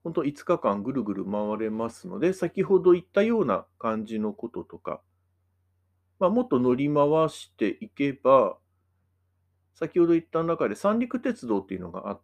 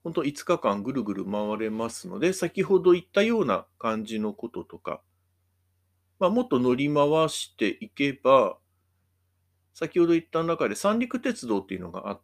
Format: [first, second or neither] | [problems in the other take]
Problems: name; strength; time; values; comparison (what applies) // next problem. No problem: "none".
second | muffled; slightly; fading above 2 kHz